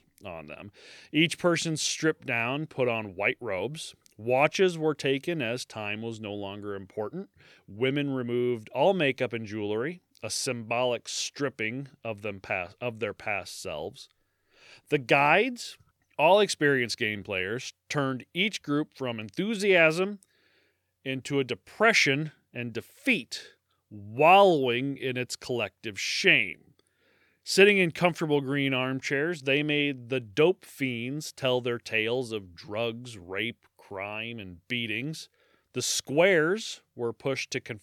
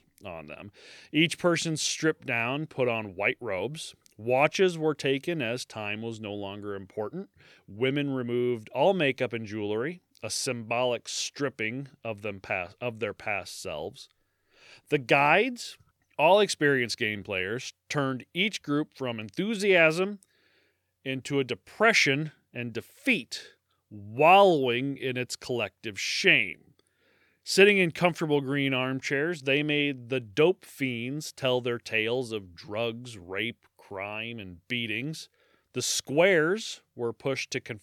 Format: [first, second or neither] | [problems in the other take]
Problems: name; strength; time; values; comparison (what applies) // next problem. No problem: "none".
neither | none